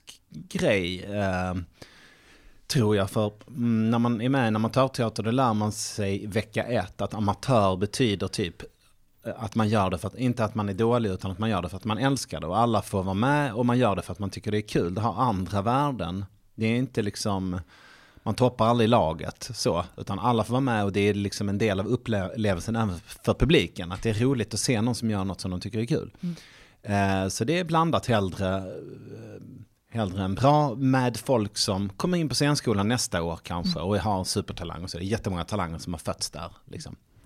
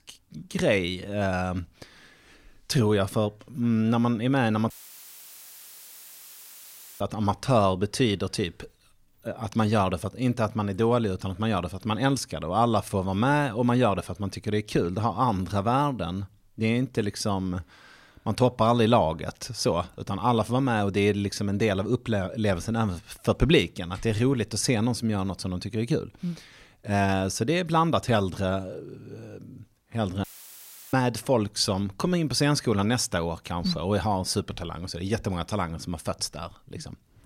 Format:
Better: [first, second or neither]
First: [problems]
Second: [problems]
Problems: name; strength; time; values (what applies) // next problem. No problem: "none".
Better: first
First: none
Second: audio cutting out; filled with static; at 4.5 s for 2.5 s and at 30 s for 0.5 s